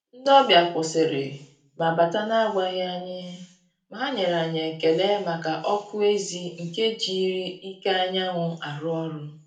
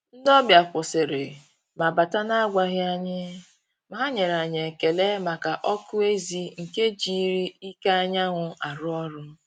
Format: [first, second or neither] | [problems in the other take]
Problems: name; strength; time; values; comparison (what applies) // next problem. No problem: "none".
second | room echo; dies away in 0.4 s